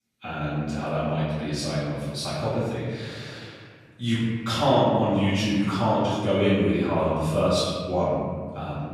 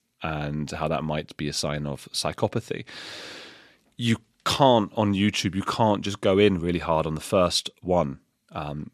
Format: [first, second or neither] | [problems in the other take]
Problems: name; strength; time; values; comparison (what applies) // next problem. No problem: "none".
second | room echo; strong; dies away in 1.7 s // off-mic speech; far